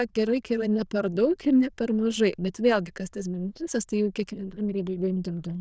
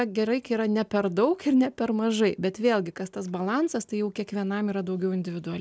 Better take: second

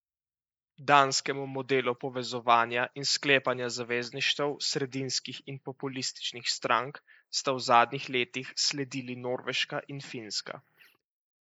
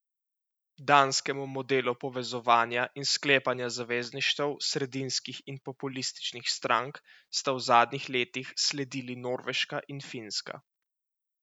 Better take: second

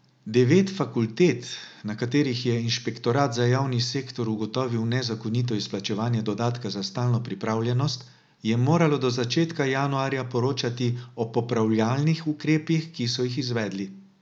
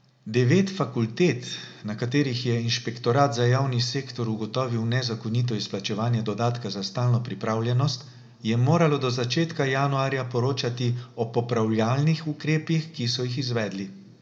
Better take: first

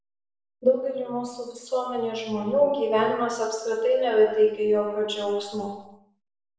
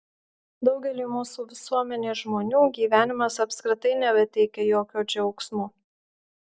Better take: second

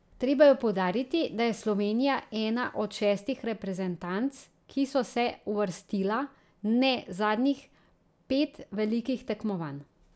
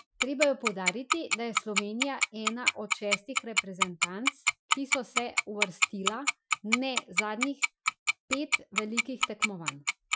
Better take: first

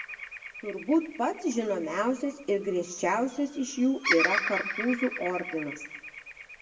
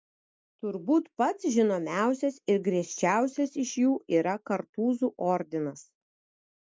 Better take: second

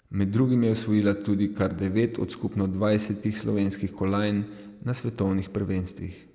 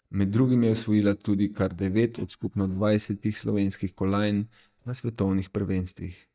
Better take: first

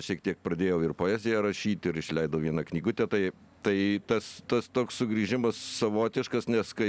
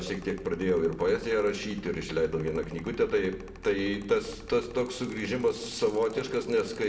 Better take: first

